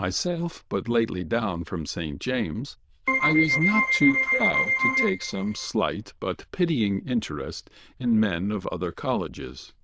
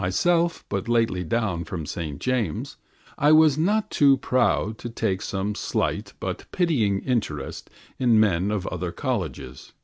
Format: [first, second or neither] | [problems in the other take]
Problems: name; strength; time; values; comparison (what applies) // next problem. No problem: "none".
second | noise reduction (neural diffusion model UNIVERSE++)